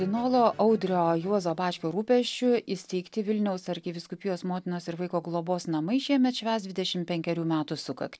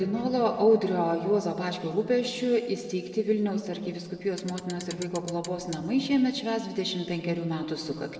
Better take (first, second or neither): first